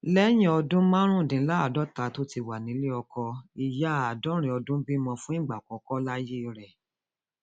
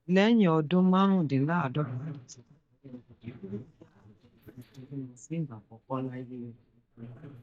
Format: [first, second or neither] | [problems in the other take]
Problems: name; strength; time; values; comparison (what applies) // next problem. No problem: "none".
first | noise reduction (neural mask model DeepFilterNet 3)